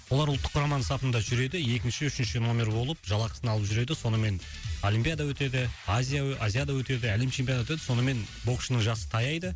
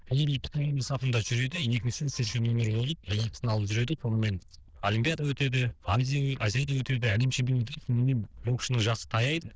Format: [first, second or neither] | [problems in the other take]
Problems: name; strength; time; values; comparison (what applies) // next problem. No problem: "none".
first | noise reduction (neural diffusion model UNIVERSE++)